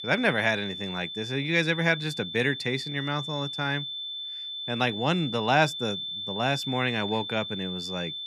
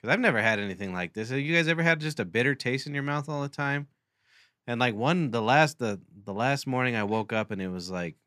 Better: second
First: high-pitched whine; loud; throughout; 3.5 kHz, 6 dB below the speech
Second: none

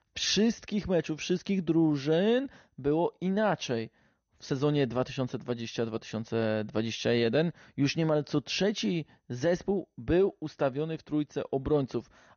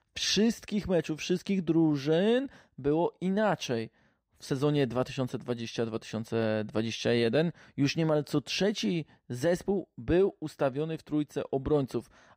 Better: second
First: garbled, watery; slightly; nothing above 6.5 kHz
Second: none

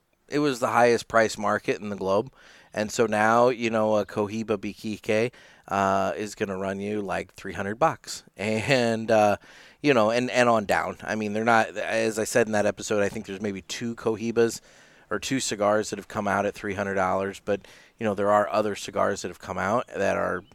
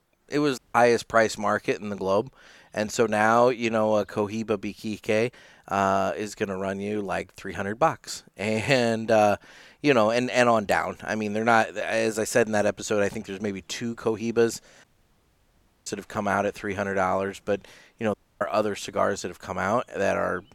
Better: first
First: none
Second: audio cutting out; at 0.5 s, at 15 s for 1 s and at 18 s

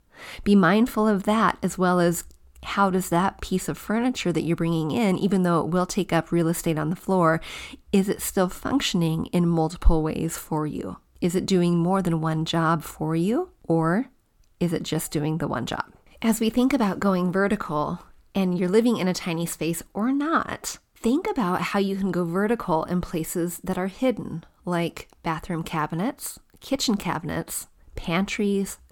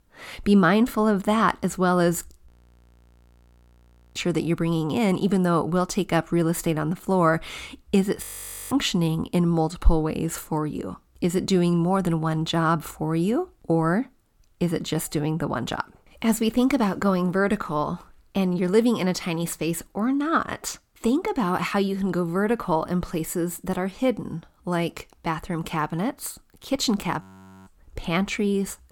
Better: first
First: none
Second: audio freezing; at 2.5 s for 1.5 s, at 8 s and at 27 s

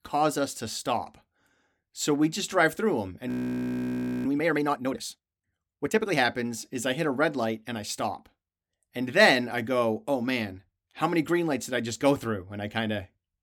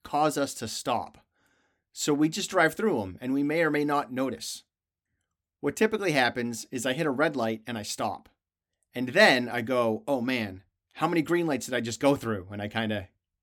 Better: second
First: audio freezing; at 3.5 s for 1 s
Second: none

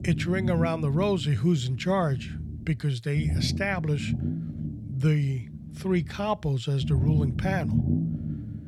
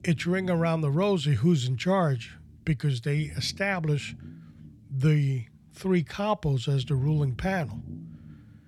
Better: second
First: low rumble; loud; throughout; 9 dB below the speech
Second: low rumble; faint; throughout; 25 dB below the speech

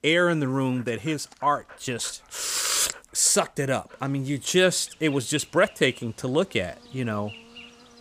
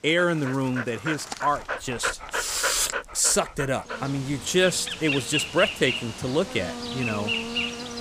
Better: first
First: animal sounds; faint; throughout; 25 dB below the speech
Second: animal sounds; loud; throughout; 5 dB below the speech

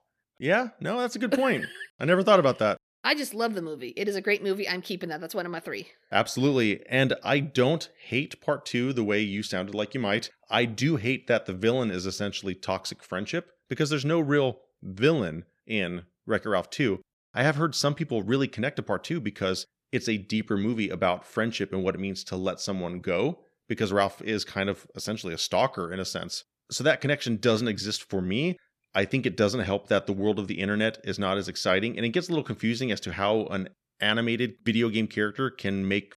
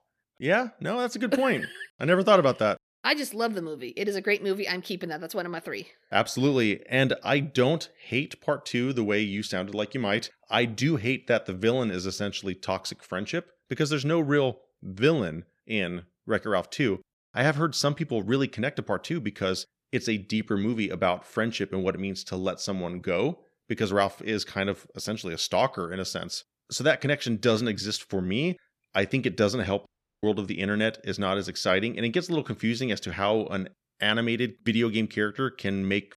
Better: first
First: none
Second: audio cutting out; at 30 s

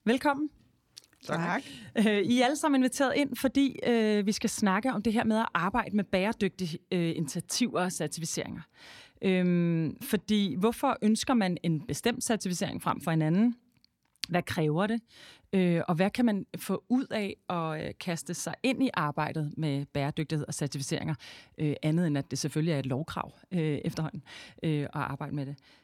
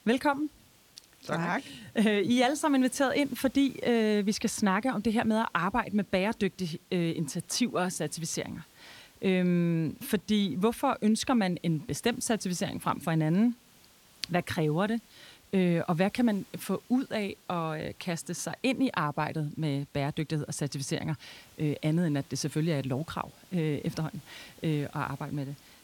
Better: first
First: none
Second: hiss; faint; throughout; 25 dB below the speech

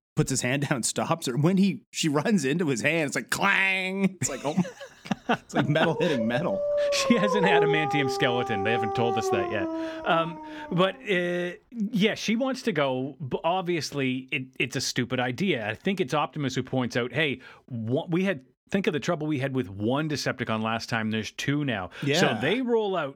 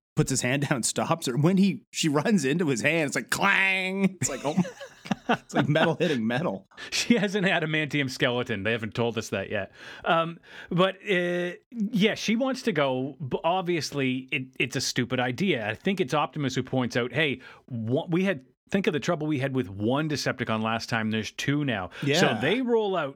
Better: second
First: dog barking; loud; from 5.5 to 11 s; peak 3 dB above the speech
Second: none

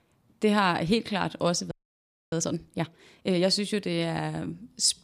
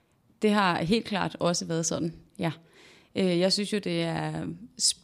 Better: second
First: audio freezing; at 1.5 s for 0.5 s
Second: none

